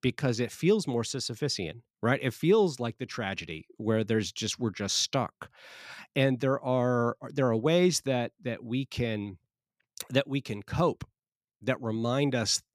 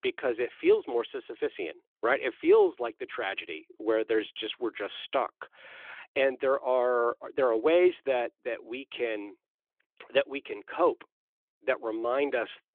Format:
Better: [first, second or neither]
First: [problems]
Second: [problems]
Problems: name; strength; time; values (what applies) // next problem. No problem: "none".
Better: first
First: none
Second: phone-call audio; nothing above 3.5 kHz